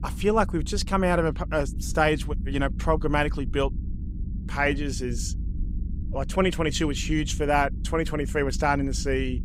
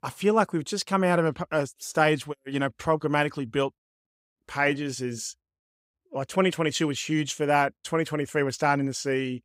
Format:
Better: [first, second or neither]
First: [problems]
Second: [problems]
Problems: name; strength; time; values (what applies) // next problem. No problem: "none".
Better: second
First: low rumble; faint; throughout; 20 dB below the speech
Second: none